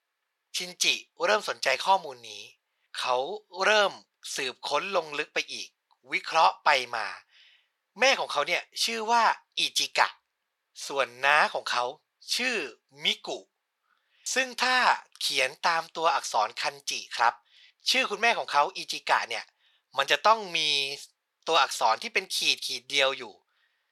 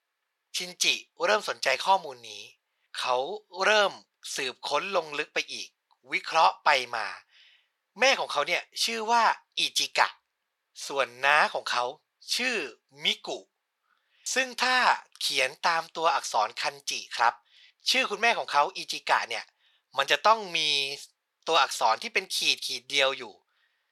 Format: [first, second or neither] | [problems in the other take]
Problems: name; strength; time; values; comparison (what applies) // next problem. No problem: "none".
neither | thin; very; fading below 750 Hz; the same in both